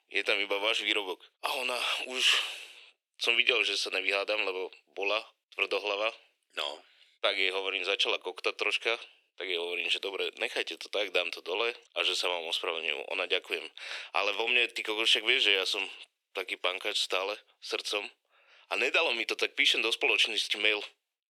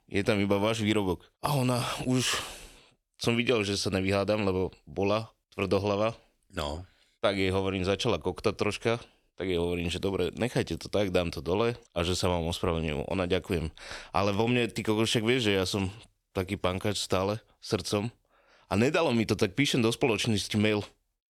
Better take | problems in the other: second | thin; very; fading below 400 Hz

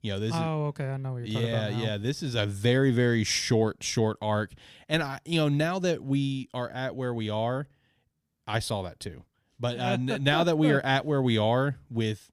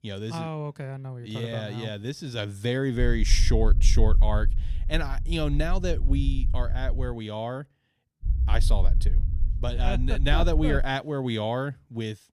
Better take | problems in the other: first | low rumble; noticeable; from 3 to 7 s and from 8 to 11 s; 15 dB below the speech

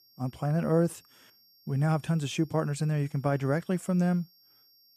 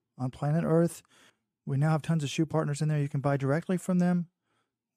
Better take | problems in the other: second | high-pitched whine; faint; throughout; 5.5 kHz, 30 dB below the speech

